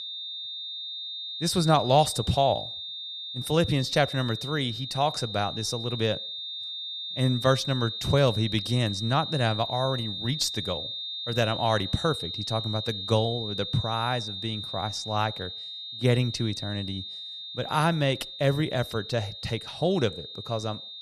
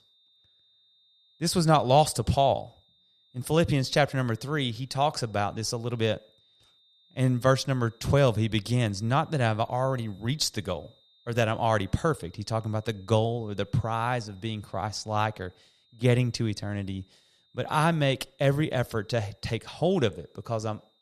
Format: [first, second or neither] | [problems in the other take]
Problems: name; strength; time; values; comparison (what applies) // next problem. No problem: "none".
second | high-pitched whine; loud; throughout; 3.5 kHz, 6 dB below the speech; faint in the second